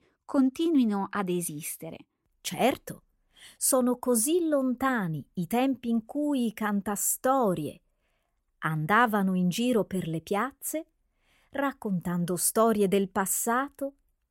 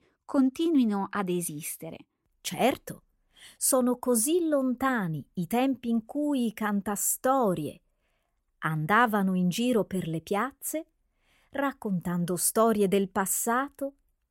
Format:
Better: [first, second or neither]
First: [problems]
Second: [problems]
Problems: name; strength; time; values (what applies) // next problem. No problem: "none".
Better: neither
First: none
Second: none